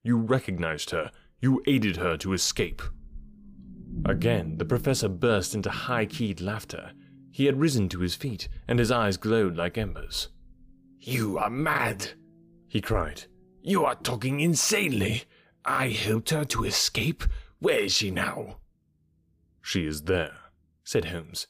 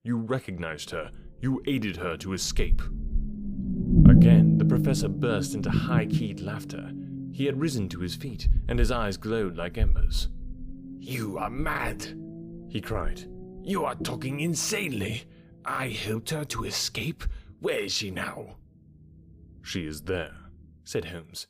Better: first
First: low rumble; faint; throughout; 20 dB below the speech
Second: low rumble; loud; throughout; 1 dB below the speech

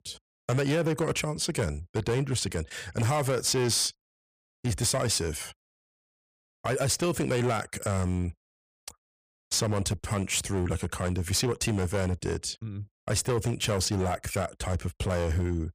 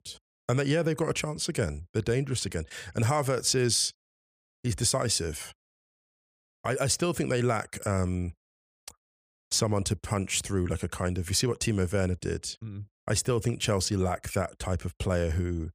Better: second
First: distortion; slight; 10% of the sound clipped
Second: none

